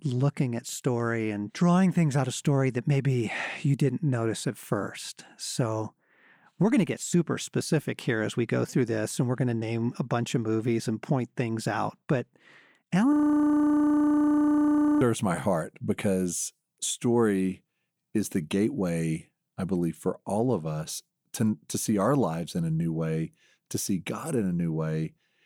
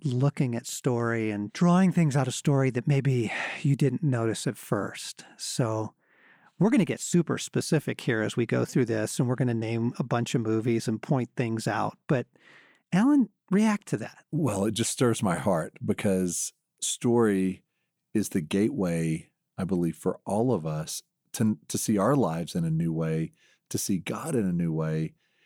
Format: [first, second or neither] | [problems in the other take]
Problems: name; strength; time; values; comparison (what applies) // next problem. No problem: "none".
second | audio freezing; at 13 s for 2 s